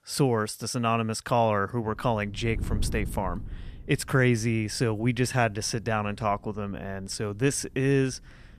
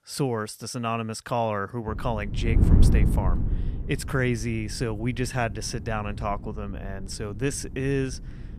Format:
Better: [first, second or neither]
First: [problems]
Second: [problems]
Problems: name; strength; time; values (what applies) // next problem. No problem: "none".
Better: first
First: wind noise on the microphone; occasional gusts; from 2 s on; 25 dB below the speech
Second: wind noise on the microphone; heavy; from 2 s on; 8 dB below the speech